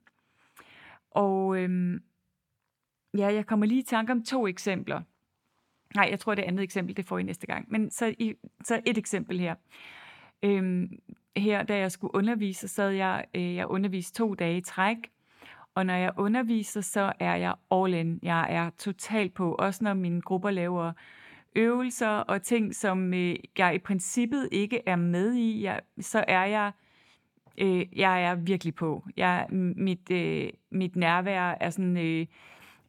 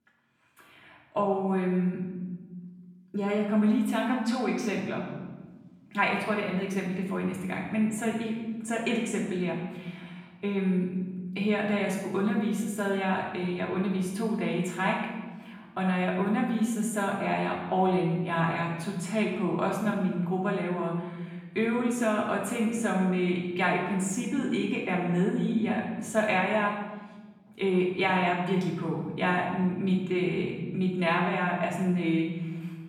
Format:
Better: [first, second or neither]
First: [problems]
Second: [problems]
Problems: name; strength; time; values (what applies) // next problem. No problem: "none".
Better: first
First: none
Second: off-mic speech; far // room echo; noticeable; dies away in 1.2 s